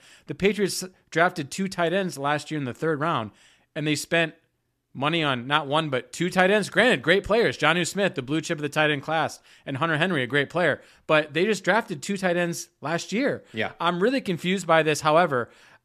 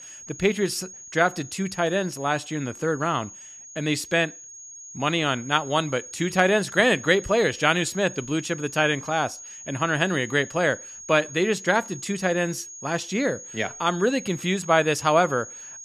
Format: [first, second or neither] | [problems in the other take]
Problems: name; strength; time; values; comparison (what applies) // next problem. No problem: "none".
first | high-pitched whine; noticeable; throughout; 6.5 kHz, 15 dB below the speech